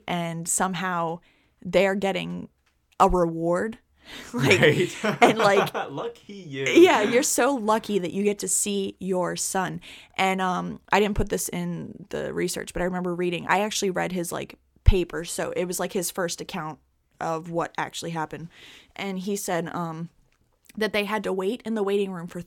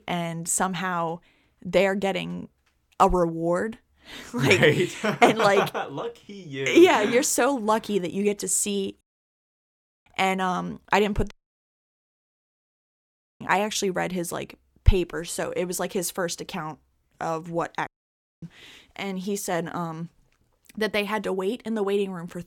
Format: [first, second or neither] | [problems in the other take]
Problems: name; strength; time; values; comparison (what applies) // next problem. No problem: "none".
first | audio cutting out; at 9 s for 1 s, at 11 s for 2 s and at 18 s for 0.5 s